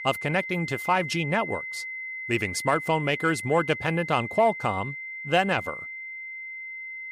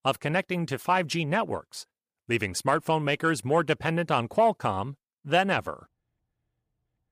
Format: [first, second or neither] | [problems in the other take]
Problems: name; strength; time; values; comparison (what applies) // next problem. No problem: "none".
second | high-pitched whine; loud; throughout; 2 kHz, 8 dB below the speech